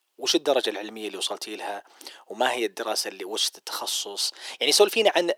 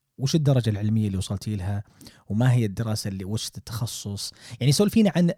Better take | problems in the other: second | thin; very; fading below 350 Hz

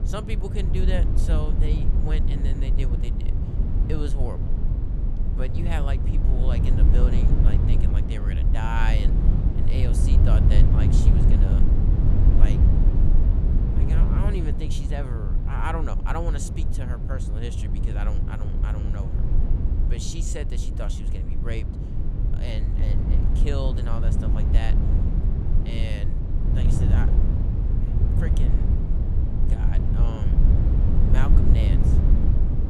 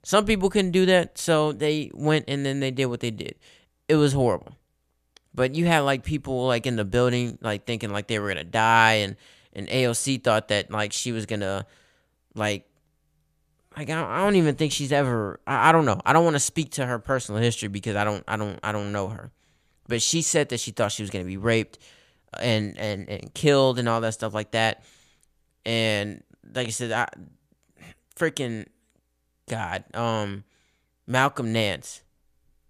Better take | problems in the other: second | low rumble; loud; throughout; 1 dB below the speech

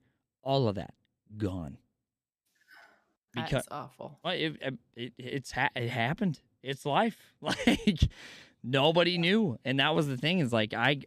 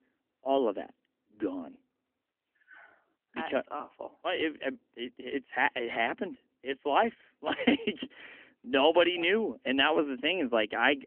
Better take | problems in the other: first | phone-call audio; nothing above 3 kHz

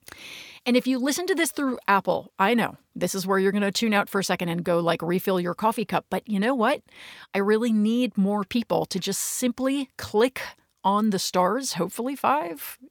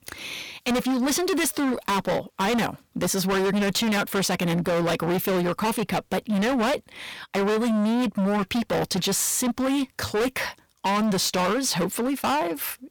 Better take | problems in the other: first | distortion; heavy; 31% of the sound clipped

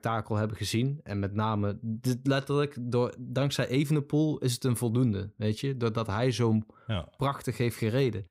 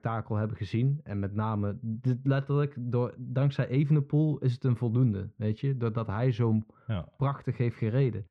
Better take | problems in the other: first | muffled; slightly; fading above 2.5 kHz

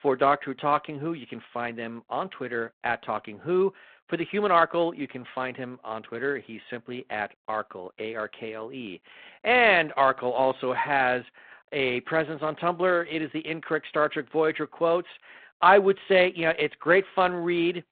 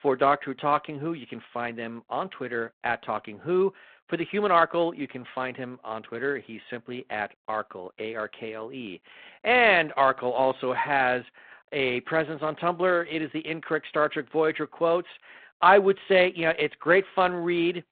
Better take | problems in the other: neither | phone-call audio; nothing above 3.5 kHz; the same in both

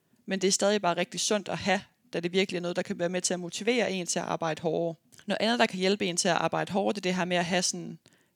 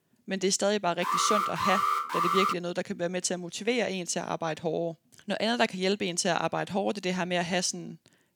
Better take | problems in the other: first | alarm; loud; from 1 to 2.5 s; peak 3 dB above the speech

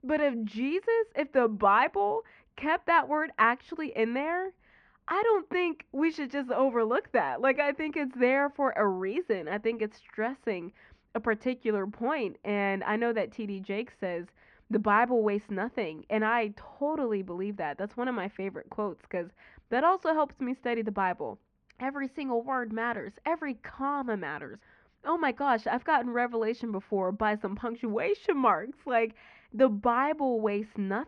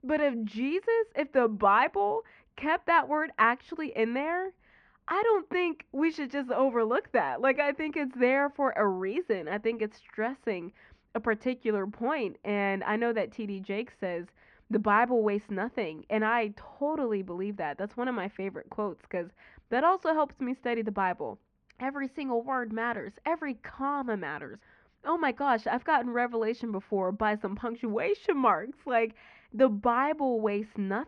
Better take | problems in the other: neither | muffled; very; fading above 2.5 kHz; the same in both

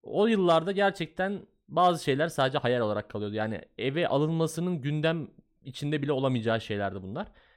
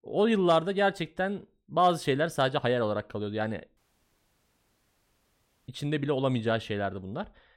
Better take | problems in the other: first | audio cutting out; at 4 s for 2 s

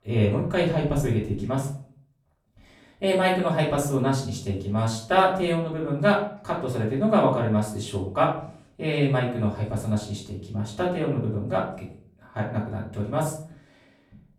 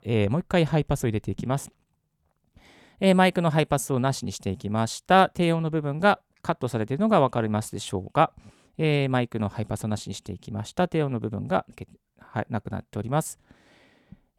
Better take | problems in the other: second | off-mic speech; far // room echo; slight; dies away in 0.4 s

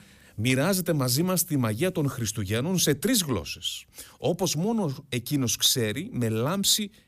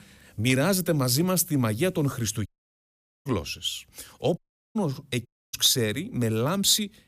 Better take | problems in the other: first | audio cutting out; at 2.5 s for 1 s, at 4.5 s and at 5.5 s

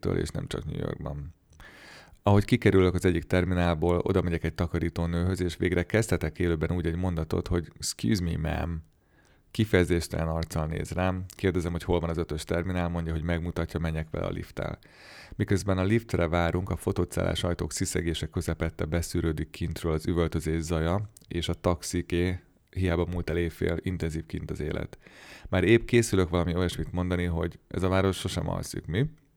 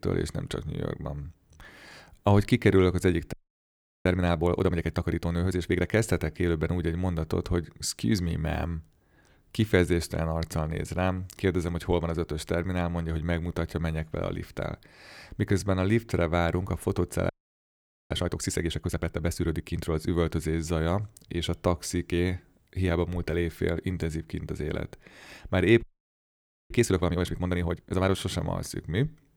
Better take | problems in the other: first | audio freezing; at 3.5 s for 0.5 s, at 17 s for 1 s and at 26 s for 1 s

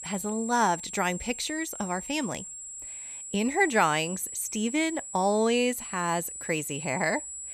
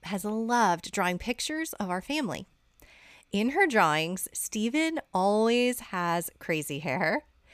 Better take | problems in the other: second | high-pitched whine; loud; throughout; 7.5 kHz, 9 dB below the speech

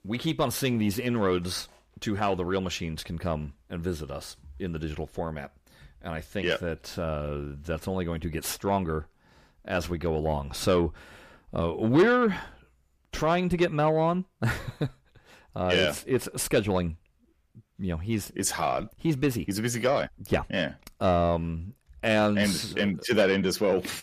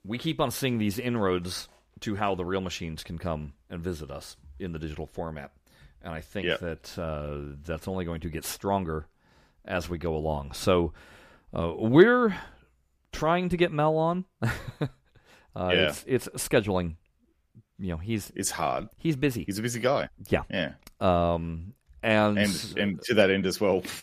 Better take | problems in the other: second | distortion; slight; 10 dB below the speech

